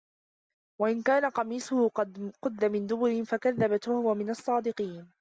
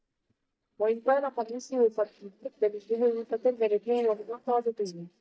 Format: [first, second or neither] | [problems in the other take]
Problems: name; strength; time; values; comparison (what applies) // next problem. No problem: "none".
first | noise reduction (neural mask model DeepFilterNet 3)